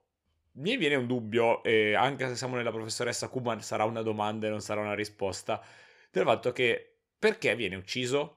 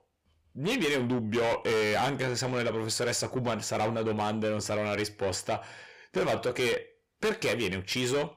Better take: first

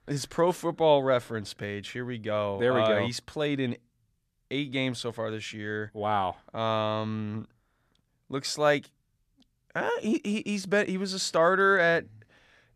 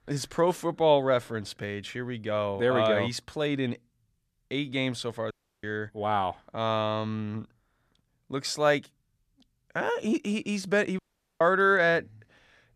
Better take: first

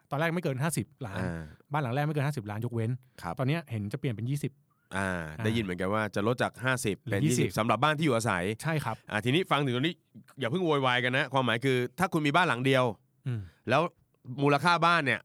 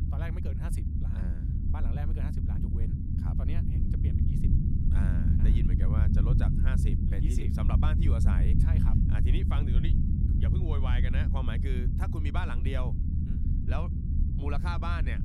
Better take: first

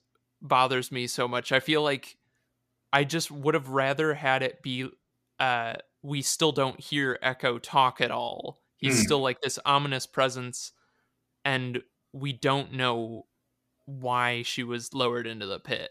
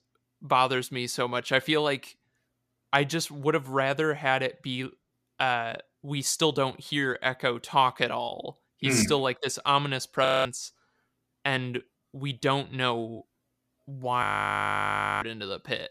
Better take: first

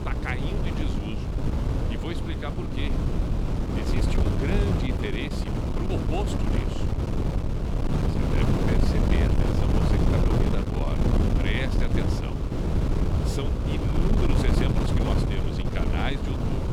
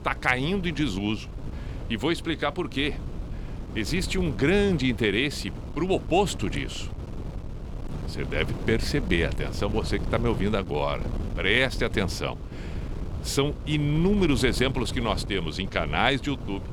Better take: second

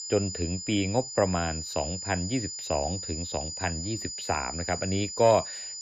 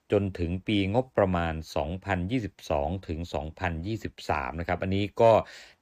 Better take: second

